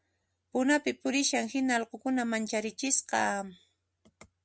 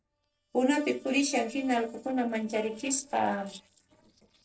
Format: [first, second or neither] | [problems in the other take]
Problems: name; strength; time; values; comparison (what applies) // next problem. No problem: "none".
first | noise reduction (neural separator model SepFormer DNS4)